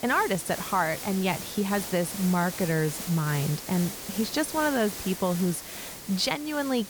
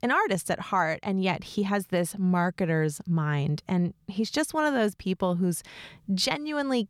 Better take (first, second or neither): second